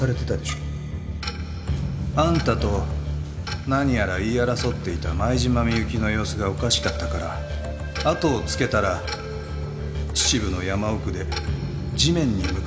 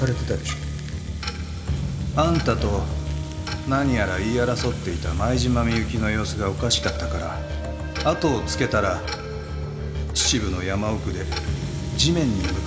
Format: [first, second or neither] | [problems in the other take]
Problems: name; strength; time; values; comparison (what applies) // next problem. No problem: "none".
first | background sound (Rattle (instrument) + Wind instrument, woodwind instrument); 18 dB below the speech